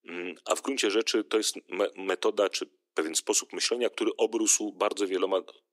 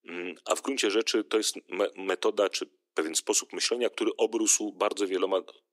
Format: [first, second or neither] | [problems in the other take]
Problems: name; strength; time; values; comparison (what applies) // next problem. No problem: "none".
neither | thin; very; fading below 350 Hz; the same in both